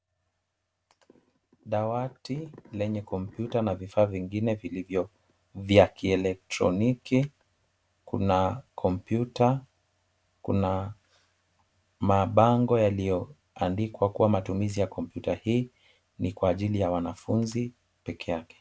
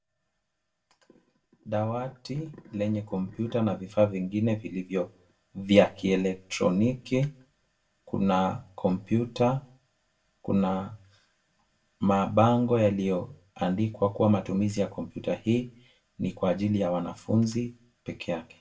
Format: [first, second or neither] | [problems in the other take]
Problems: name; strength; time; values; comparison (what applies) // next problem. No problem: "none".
first | room echo; dies away in 0.2 s